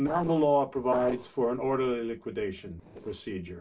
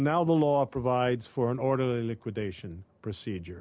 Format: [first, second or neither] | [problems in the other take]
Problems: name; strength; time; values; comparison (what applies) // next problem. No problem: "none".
second | noise reduction (neural separator model SepFormer DNS4)